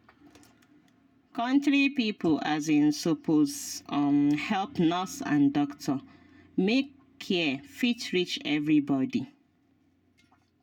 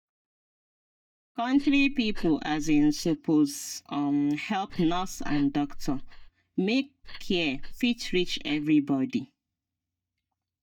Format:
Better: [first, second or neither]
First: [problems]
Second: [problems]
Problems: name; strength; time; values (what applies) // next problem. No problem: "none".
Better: first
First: none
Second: noise reduction (neural mask model DeepFilterNet 3)